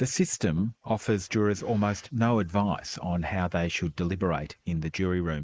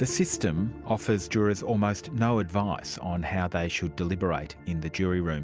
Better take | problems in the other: second | noise reduction (neural mask model Resemble Enhance denoiser)

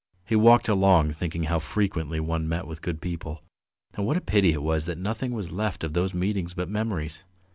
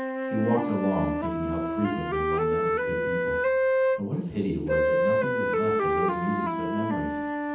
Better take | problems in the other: first | background sound (Wind instrument, woodwind instrument); 4 dB above the speech // room echo; dies away in 0.8 s

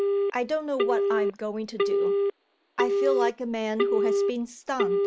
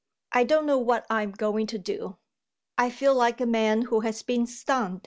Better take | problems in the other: second | background sound (Telephone); 5 dB above the speech

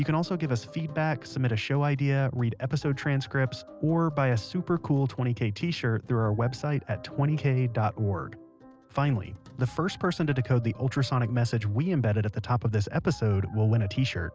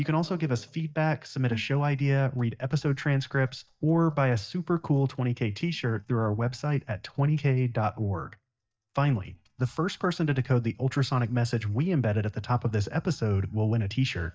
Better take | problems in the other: first | noise reduction (neural mask model DeepFilterNet 3)

